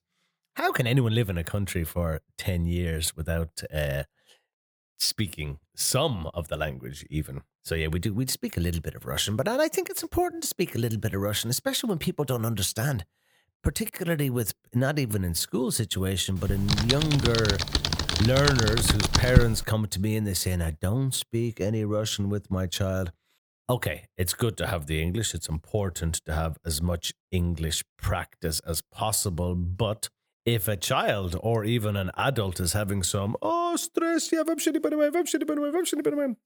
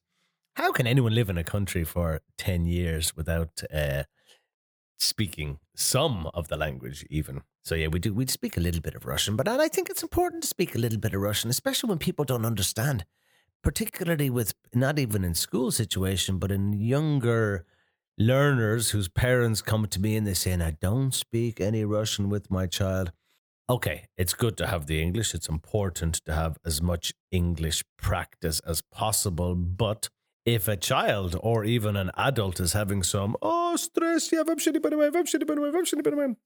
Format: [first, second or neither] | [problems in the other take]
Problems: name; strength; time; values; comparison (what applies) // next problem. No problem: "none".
second | keyboard typing; loud; from 16 to 20 s; peak 5 dB above the speech